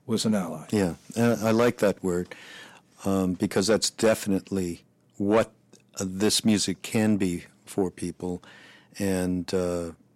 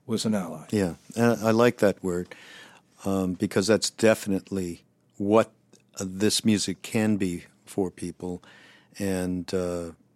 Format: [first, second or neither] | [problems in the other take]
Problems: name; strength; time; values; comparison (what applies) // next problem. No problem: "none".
second | distortion; slight; 10 dB below the speech